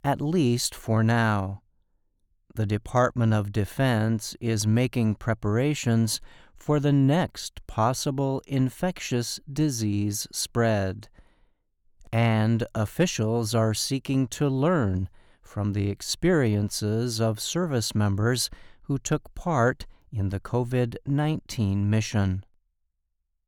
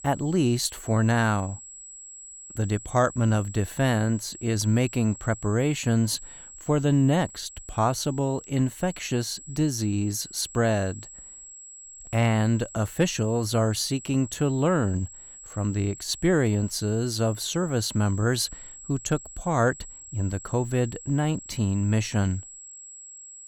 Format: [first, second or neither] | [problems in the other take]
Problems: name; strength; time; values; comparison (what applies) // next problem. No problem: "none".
first | high-pitched whine; noticeable; throughout; 7.5 kHz, 15 dB below the speech